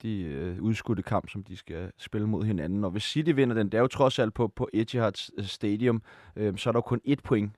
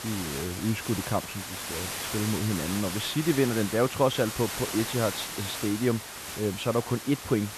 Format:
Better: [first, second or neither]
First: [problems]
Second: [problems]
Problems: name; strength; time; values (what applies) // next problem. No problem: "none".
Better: first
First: none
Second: hiss; loud; throughout; 5 dB below the speech